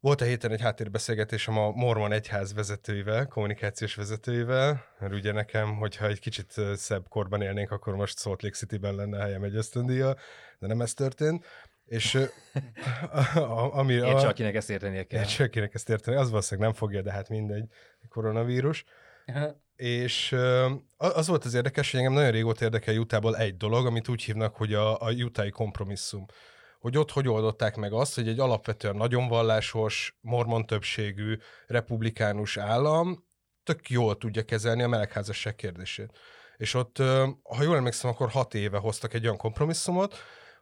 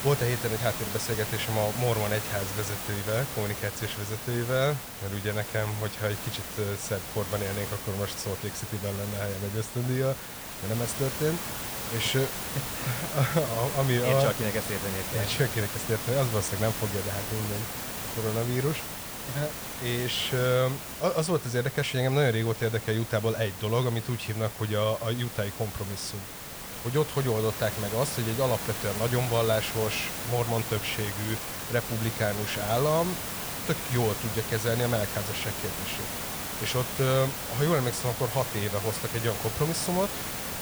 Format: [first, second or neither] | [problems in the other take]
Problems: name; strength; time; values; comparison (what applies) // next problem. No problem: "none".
first | hiss; loud; throughout; 4 dB below the speech